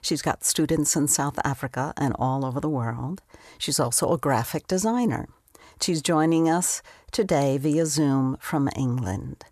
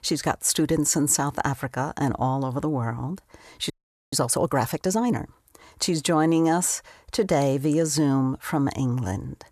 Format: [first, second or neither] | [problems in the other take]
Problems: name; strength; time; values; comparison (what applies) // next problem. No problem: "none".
first | audio freezing; at 3.5 s